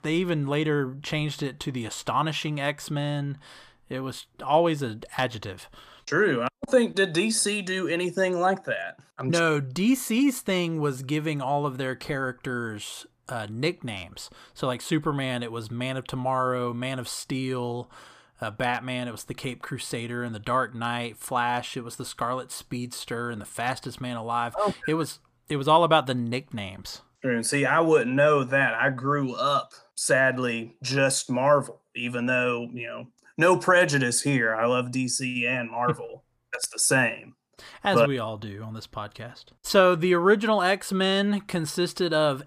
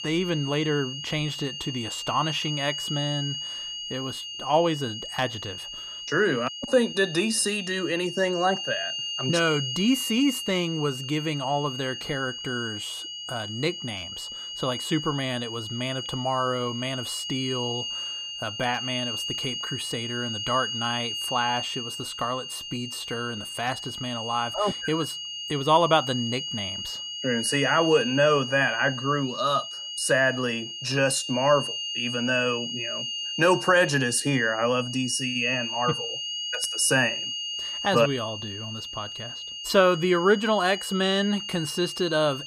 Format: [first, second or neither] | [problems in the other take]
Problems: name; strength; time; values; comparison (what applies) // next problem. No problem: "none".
first | high-pitched whine; loud; throughout; 3 kHz, 5 dB below the speech